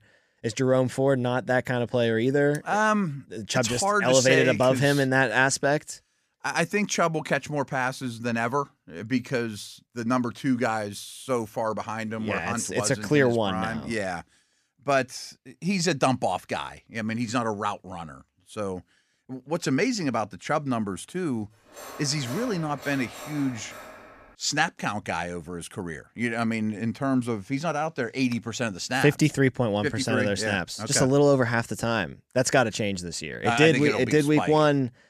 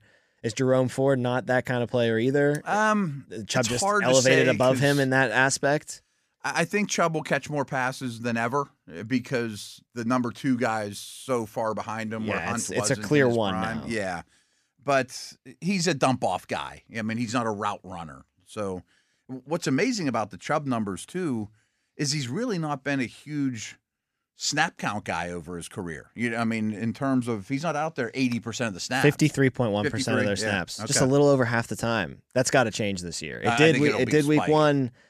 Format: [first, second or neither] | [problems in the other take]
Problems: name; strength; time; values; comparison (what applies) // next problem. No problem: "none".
second | clattering dishes; faint; from 22 to 24 s; peak 15 dB below the speech